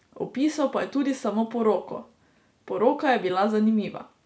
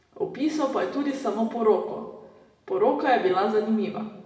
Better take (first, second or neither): first